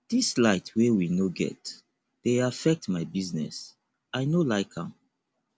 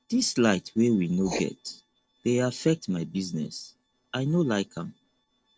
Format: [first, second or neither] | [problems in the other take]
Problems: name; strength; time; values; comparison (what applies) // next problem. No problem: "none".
first | noise reduction (neural separator model SepFormer DNS4)